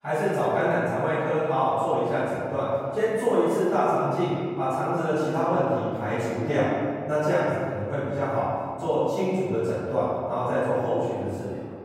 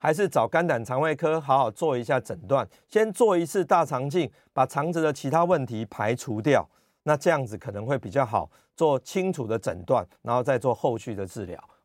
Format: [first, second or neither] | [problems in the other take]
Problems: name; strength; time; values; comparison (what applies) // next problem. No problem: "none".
second | off-mic speech; far // room echo; strong; dies away in 2.1 s